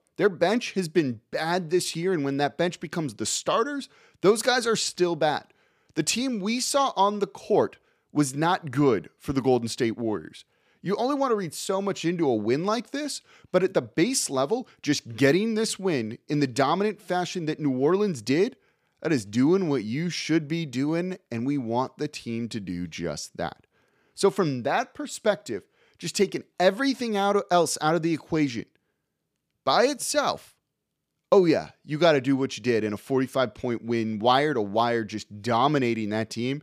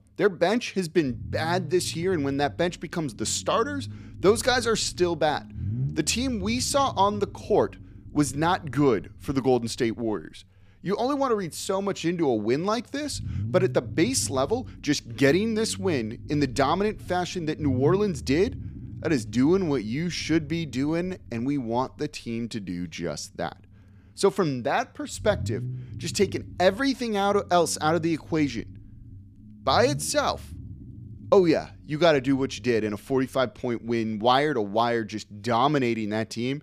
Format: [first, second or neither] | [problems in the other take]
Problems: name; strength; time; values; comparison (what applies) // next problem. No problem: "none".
first | low rumble; faint; throughout; 25 dB below the speech